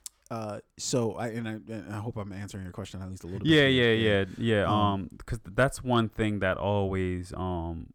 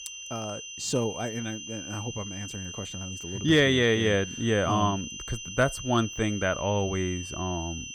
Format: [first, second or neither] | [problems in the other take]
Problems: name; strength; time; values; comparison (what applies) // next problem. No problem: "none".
first | high-pitched whine; loud; throughout; 3 kHz, 10 dB below the speech